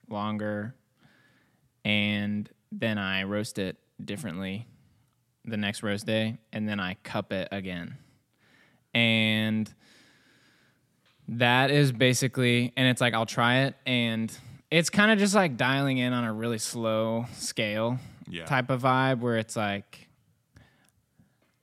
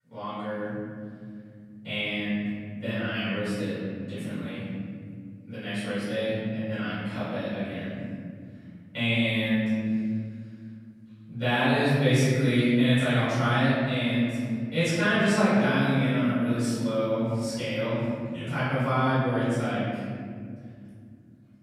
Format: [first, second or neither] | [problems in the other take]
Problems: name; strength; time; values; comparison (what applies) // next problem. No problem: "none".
first | off-mic speech; far // room echo; strong; dies away in 2.8 s